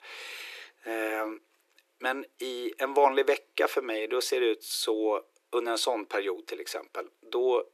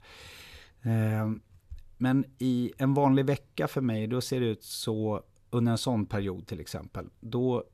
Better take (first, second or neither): second